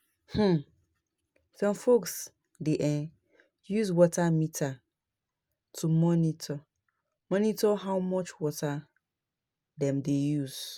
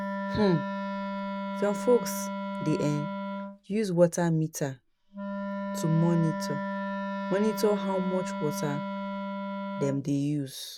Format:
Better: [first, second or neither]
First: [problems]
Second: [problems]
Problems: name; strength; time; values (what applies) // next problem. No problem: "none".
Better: first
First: none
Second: background sound (Wind instrument, woodwind instrument); 5 dB below the speech